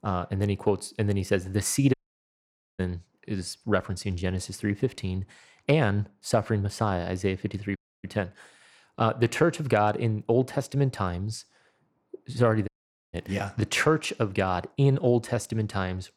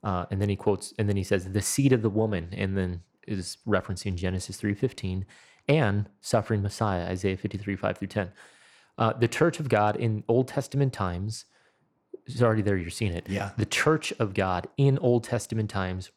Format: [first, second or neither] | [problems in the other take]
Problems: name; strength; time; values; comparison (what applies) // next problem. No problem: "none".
second | audio cutting out; at 2 s for 1 s, at 8 s and at 13 s